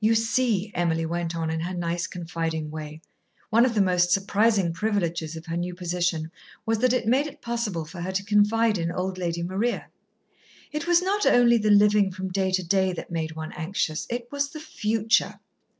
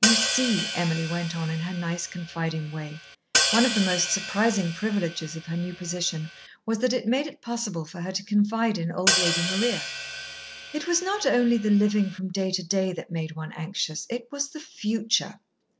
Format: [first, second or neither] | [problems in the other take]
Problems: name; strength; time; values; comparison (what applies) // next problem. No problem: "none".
first | background sound (Hi-hat); 3 dB below the speech